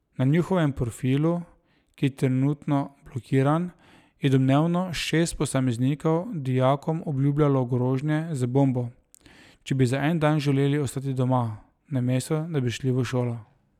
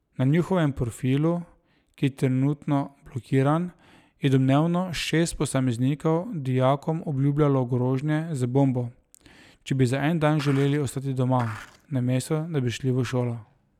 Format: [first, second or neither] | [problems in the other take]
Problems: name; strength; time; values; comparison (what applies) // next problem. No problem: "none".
first | background sound (Skateboard); 17 dB below the speech